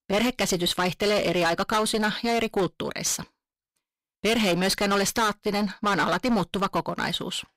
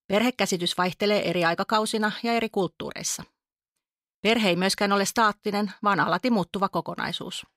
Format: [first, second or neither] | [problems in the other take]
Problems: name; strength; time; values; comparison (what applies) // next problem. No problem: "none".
second | distortion; heavy; 15% of the sound clipped